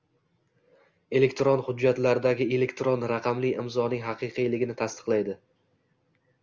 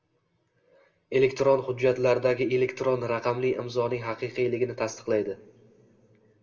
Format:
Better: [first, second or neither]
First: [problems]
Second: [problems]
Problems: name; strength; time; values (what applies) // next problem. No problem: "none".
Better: first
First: none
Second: room echo; dies away in 0.4 s